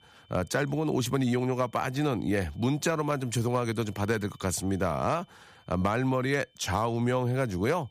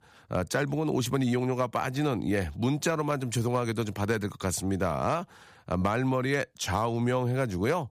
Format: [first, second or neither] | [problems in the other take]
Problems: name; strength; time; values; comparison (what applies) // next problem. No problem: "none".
second | high-pitched whine; faint; throughout; 3 kHz, 35 dB below the speech